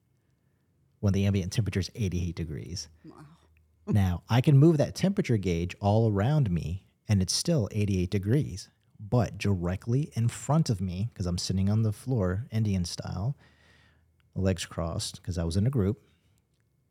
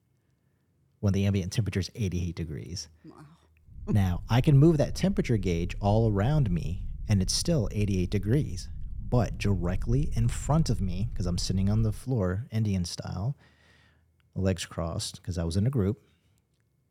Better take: first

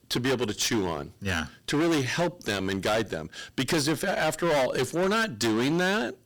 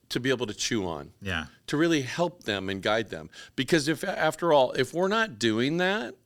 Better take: second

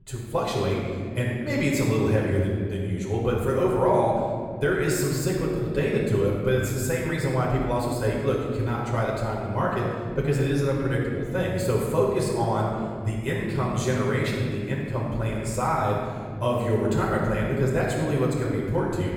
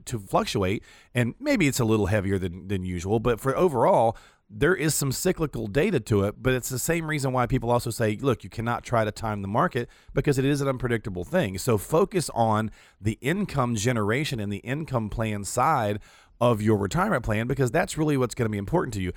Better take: second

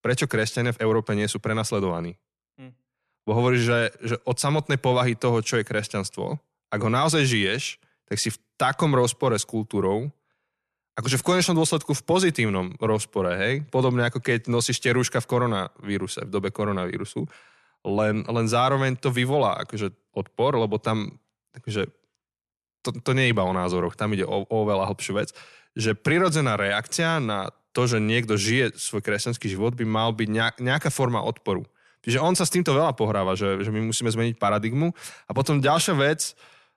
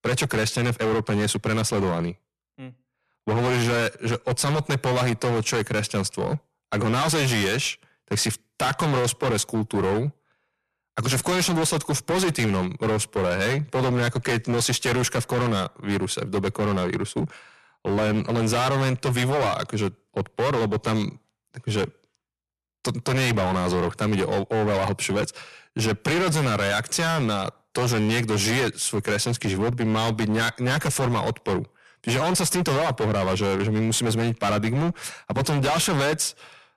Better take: first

